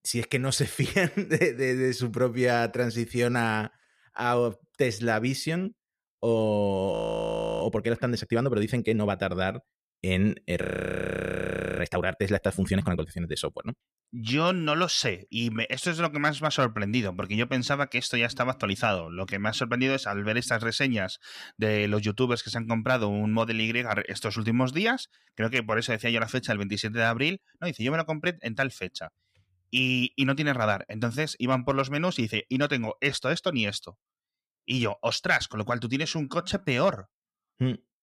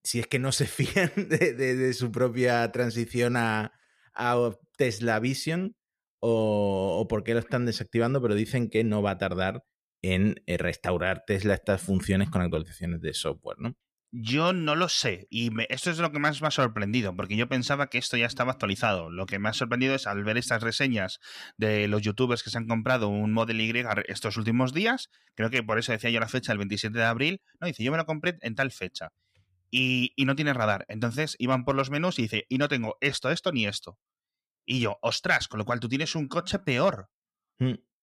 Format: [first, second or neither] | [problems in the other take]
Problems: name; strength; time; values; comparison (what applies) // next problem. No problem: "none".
second | audio freezing; at 7 s for 0.5 s and at 11 s for 1 s